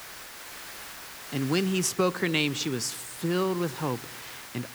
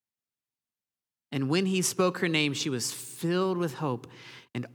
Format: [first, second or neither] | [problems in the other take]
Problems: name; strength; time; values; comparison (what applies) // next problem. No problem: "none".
second | hiss; noticeable; throughout; 10 dB below the speech